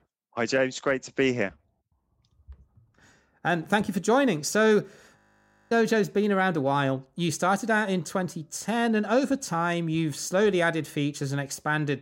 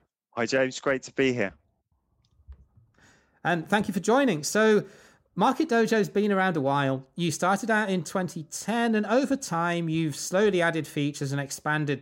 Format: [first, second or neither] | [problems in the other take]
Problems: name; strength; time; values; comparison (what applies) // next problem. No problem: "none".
second | audio freezing; at 5 s for 0.5 s